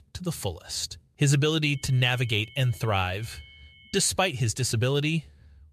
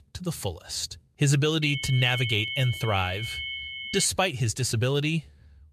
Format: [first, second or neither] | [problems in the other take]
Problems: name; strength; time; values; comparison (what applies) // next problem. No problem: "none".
first | high-pitched whine; loud; from 1.5 to 4 s; 2 kHz, 6 dB below the speech; faint in the first